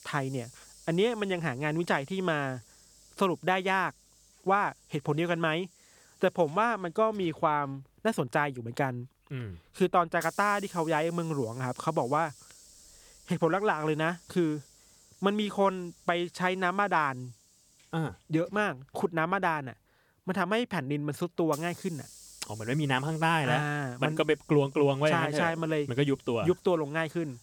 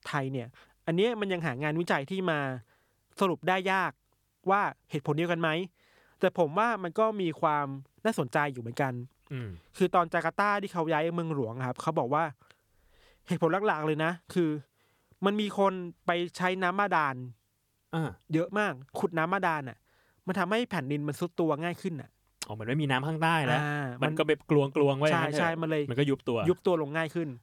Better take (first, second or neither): second